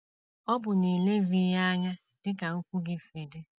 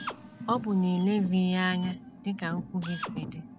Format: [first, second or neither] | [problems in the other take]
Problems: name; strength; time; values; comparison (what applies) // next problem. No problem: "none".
first | background sound (Drill + Car); 11 dB below the speech